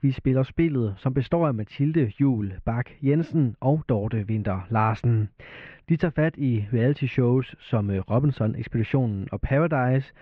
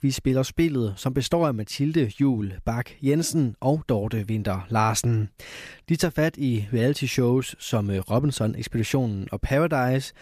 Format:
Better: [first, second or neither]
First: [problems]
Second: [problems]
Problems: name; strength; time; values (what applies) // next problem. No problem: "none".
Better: second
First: muffled; very; fading above 2.5 kHz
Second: none